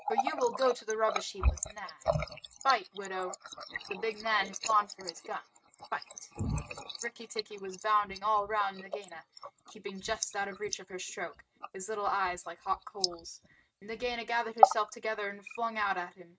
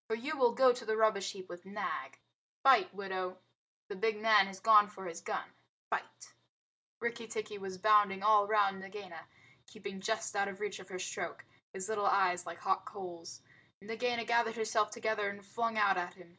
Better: second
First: noise reduction (neural mask model RNNoise)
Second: none

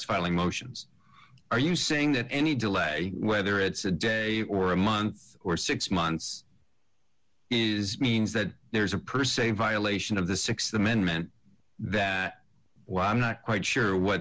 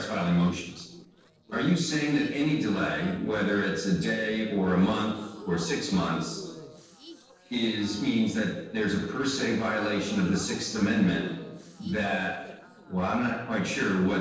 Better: first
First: none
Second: noise reduction (neural separator model SepFormer DNS4)

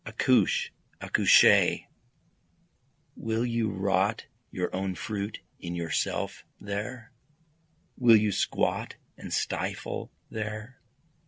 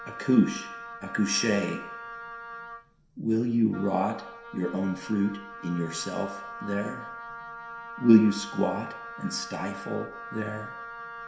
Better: first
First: none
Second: background sound (Wind instrument, woodwind instrument); 13 dB below the speech // room echo; dies away in 0.7 s

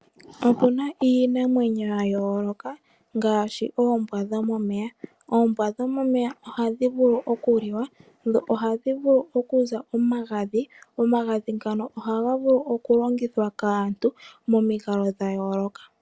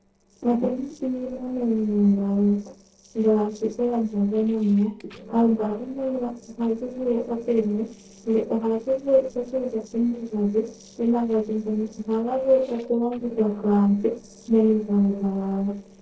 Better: first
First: none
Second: noise reduction (neural separator model SepFormer DNS4)

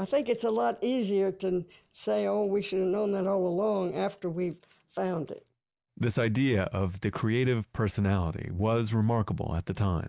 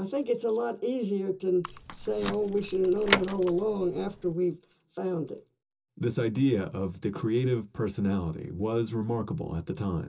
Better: first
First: none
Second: background sound (Door / Car); 6 dB below the speech // room echo; dies away in 0.2 s

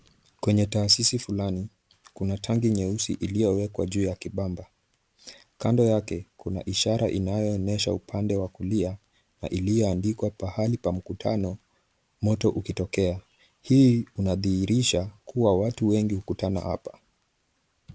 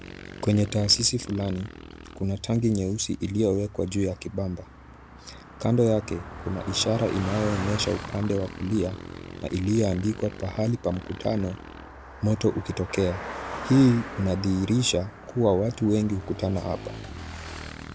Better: first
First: none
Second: background sound (Motorcycle / Engine + Car passing by); 13 dB below the speech

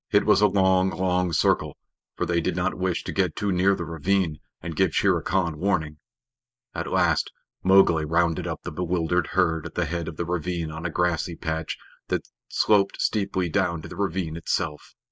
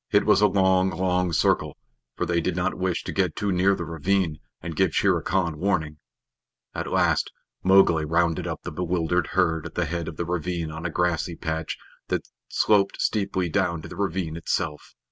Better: second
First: noise reduction (neural mask model Resemble Enhance denoiser)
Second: none

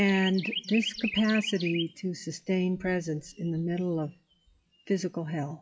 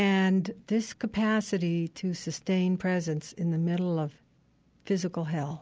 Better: second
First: noise reduction (classical method WPE with log-MMSE)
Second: none

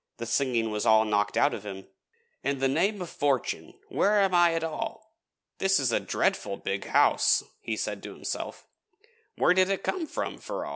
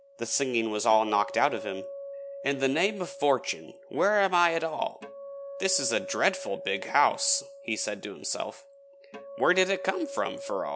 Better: first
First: none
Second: background sound (Acoustic guitar); 13 dB below the speech

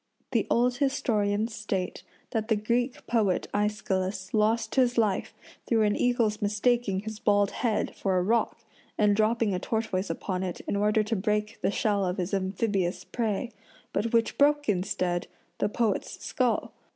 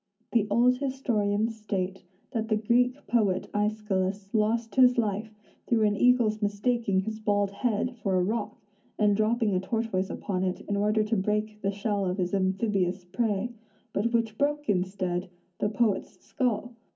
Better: first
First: none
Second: room echo; dies away in 0.3 s

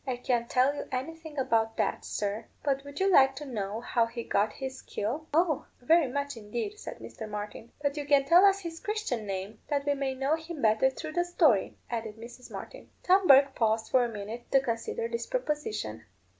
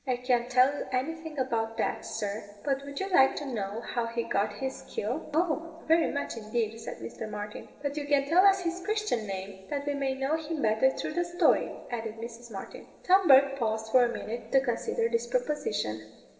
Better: first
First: none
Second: noise reduction (neural separator model SepFormer DNS4)

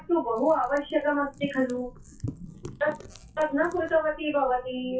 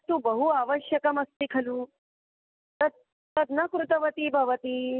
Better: second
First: noise reduction (classical method WPE with log-MMSE)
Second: none

